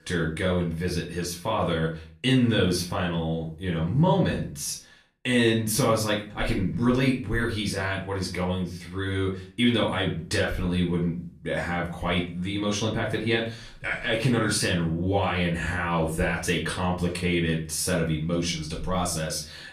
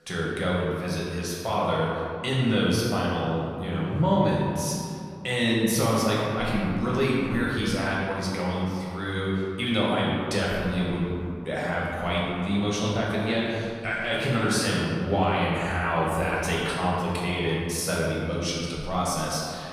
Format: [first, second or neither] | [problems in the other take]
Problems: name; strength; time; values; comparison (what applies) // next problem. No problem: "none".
first | room echo; strong; dies away in 2.2 s; slight in the first // off-mic speech; far; far in the first